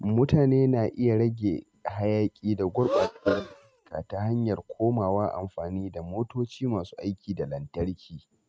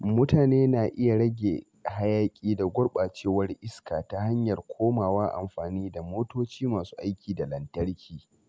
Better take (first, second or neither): second